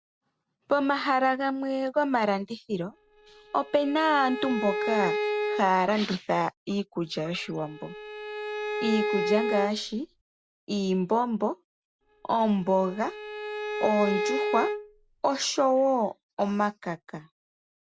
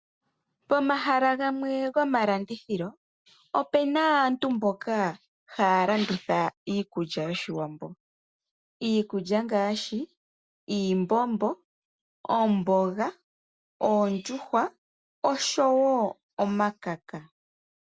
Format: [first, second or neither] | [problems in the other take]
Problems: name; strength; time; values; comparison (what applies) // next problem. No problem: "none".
second | background sound (Bowed string instrument); 4 dB below the speech